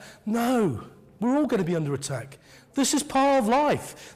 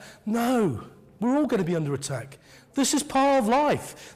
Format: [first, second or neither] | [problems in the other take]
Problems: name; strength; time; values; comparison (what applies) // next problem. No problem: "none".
neither | distortion; slight; 10 dB below the speech; the same in both